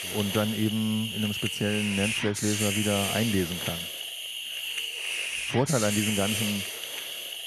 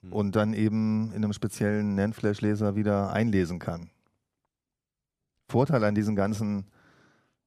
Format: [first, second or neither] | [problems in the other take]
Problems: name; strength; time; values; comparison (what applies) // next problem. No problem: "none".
second | hiss; loud; throughout; 1 dB below the speech